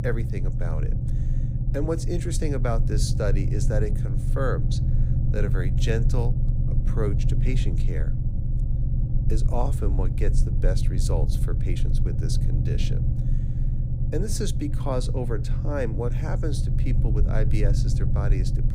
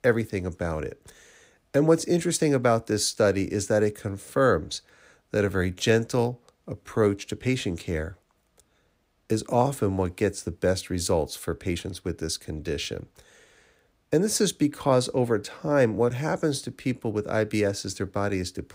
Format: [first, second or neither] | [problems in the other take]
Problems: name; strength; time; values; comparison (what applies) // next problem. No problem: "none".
second | low rumble; loud; throughout; 6 dB below the speech